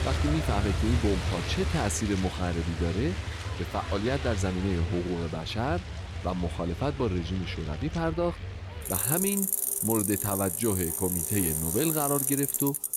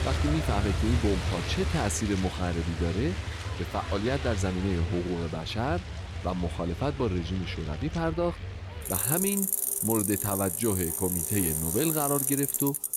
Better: neither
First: traffic noise; loud; throughout; as loud as the speech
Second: traffic noise; loud; throughout; as loud as the speech

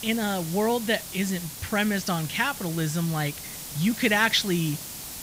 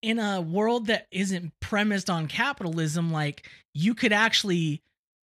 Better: second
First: hiss; loud; throughout; 10 dB below the speech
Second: none

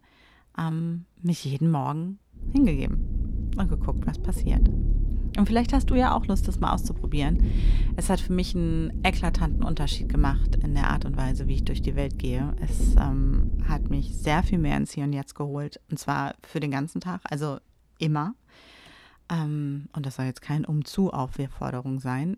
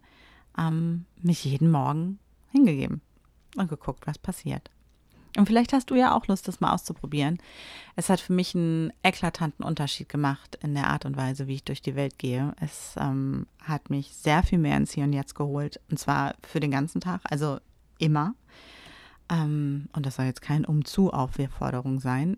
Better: second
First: low rumble; noticeable; from 2.5 to 15 s; 10 dB below the speech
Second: none

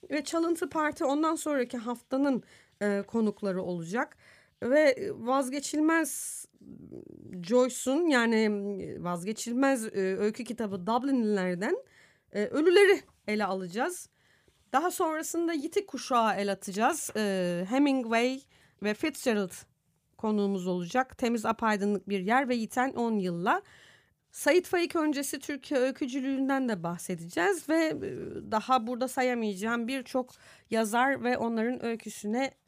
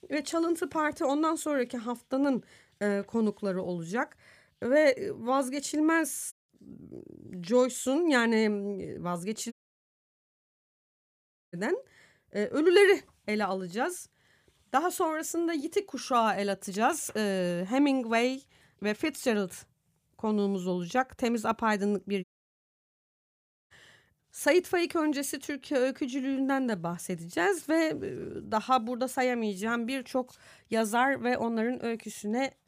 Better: first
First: none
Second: audio cutting out; at 6.5 s, at 9.5 s for 2 s and at 22 s for 1.5 s

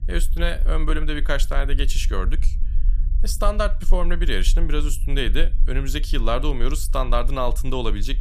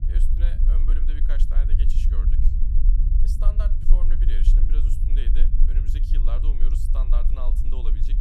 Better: first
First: low rumble; faint; throughout; 25 dB below the speech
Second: low rumble; loud; throughout; 2 dB below the speech

